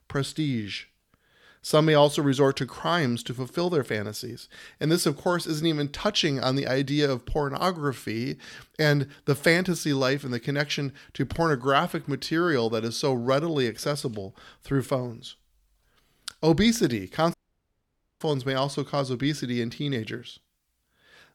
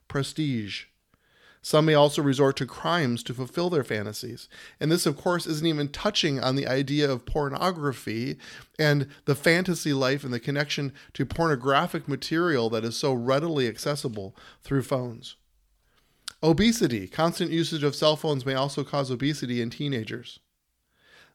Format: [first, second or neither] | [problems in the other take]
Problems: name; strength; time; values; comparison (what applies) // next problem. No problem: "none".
second | audio cutting out; at 17 s for 1 s